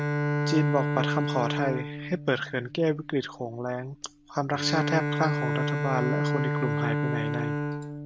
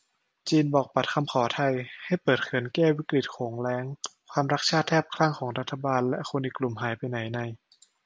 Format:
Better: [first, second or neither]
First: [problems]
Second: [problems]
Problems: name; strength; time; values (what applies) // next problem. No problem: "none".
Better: second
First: background sound (Bowed string instrument); as loud as the speech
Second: none